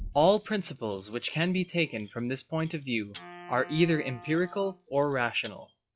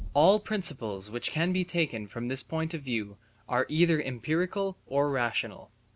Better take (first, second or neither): second